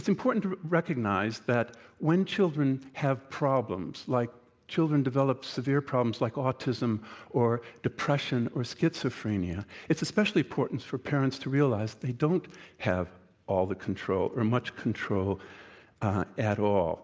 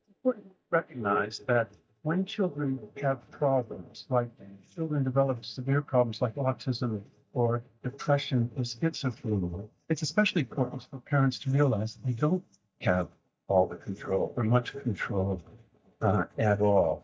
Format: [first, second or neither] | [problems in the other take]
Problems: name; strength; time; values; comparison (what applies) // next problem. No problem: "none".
first | noise reduction (neural mask model DeepFilterNet 3)